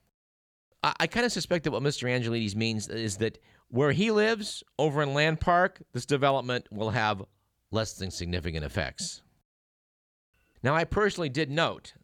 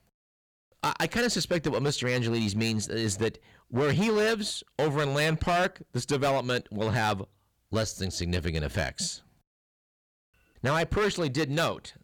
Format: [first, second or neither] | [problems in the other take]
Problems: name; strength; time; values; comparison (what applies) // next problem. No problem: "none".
first | distortion; heavy; 9% of the sound clipped